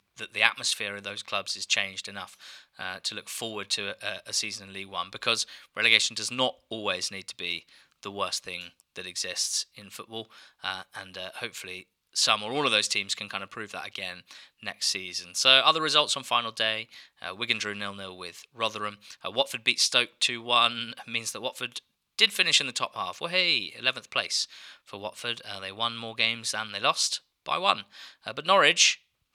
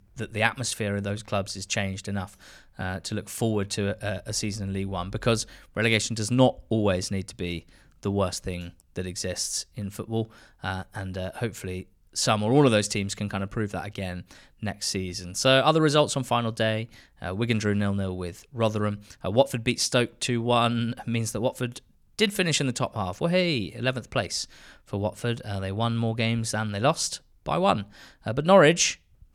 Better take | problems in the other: second | thin; somewhat; fading below 1 kHz

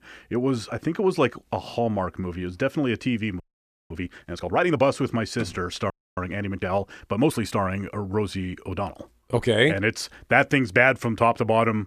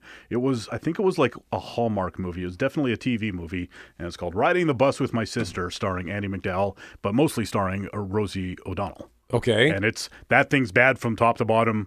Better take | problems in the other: second | audio freezing; at 3.5 s for 0.5 s and at 6 s

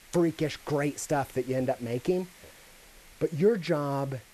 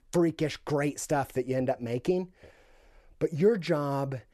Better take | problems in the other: second | hiss; faint; throughout; 25 dB below the speech

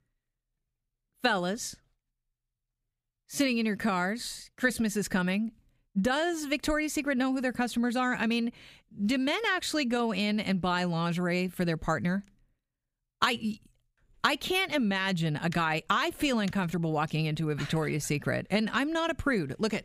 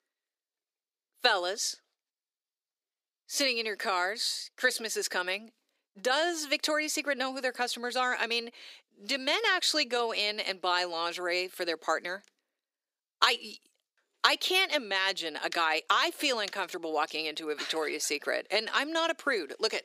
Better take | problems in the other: first | thin; very; fading below 350 Hz

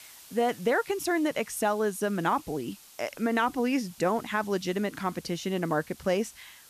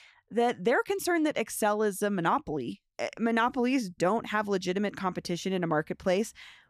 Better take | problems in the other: second | hiss; faint; throughout; 20 dB below the speech

